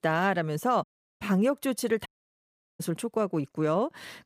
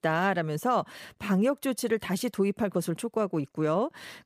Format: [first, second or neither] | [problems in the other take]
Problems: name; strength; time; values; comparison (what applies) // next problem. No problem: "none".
second | audio cutting out; at 1 s and at 2 s for 0.5 s